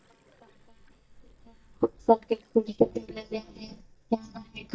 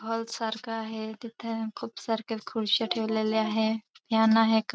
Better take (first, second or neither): second